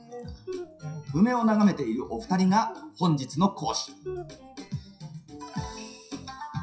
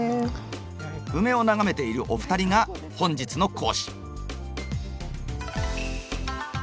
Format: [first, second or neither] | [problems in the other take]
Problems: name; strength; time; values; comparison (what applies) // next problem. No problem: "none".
second | noise reduction (classical method WPE with log-MMSE)